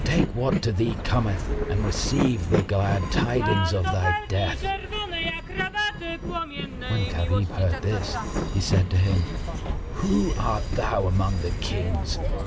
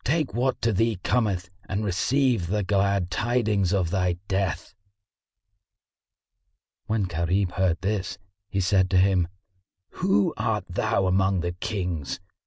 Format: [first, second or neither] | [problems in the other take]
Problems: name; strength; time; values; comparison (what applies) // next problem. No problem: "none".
second | background sound (Train); 2 dB below the speech